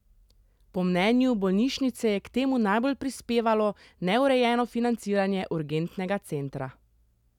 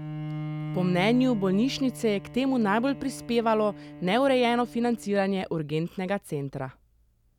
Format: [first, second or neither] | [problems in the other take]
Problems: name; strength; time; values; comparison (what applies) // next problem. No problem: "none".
first | background sound (Bowed string instrument); 13 dB below the speech